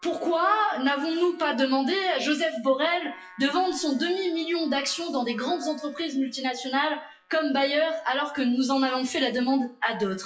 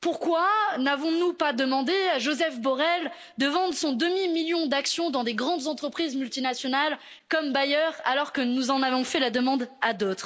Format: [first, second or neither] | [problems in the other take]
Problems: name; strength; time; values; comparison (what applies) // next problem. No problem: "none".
second | noise reduction (classical method WPE with log-MMSE)